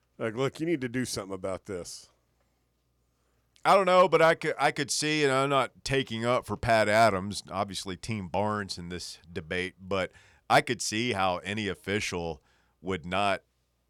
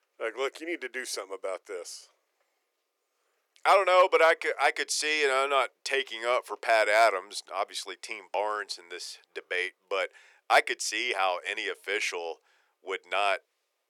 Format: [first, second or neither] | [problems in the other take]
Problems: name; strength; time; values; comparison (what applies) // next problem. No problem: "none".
first | thin; very; fading below 400 Hz